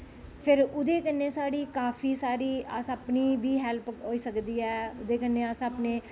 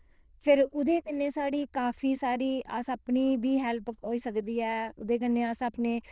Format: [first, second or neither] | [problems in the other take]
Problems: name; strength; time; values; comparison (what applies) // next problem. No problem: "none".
first | noise reduction (neural diffusion model UNIVERSE++)